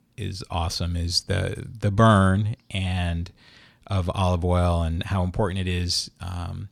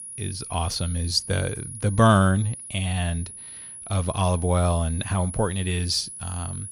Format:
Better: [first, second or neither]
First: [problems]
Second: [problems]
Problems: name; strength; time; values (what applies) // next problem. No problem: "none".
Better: first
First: none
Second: high-pitched whine; noticeable; throughout; 10.5 kHz, 10 dB below the speech